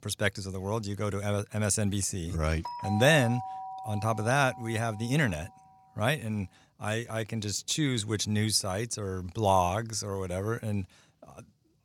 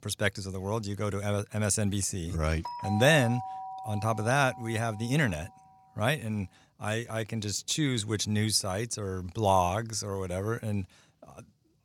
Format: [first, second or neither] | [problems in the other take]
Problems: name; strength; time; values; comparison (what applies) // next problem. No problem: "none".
neither | doorbell; noticeable; from 2.5 to 5.5 s; peak 7 dB below the speech; the same in both